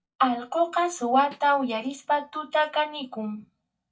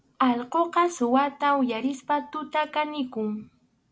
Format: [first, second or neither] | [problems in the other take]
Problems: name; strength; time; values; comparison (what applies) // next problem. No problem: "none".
second | noise reduction (neural mask model DeepFilterNet 3)